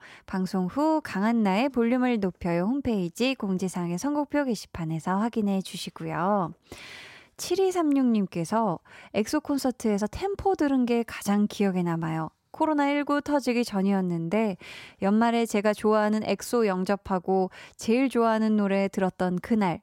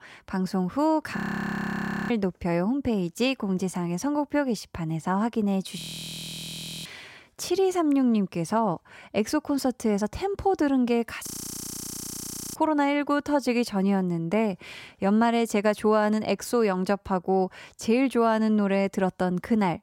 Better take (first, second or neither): first